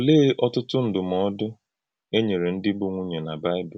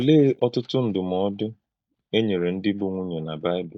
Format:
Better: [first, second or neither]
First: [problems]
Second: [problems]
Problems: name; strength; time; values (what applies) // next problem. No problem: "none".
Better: first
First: none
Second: noise reduction (neural mask model DeepFilterNet 3)